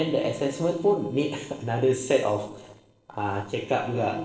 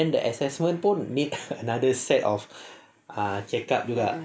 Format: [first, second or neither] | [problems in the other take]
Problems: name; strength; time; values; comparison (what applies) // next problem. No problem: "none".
second | noise reduction (neural separator model SepFormer DNS4)